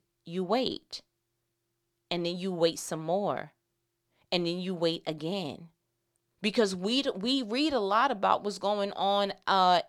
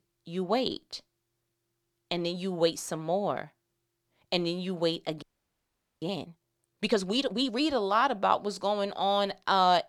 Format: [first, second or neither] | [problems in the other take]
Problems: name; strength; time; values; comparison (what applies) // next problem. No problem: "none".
first | audio freezing; at 5 s for 1 s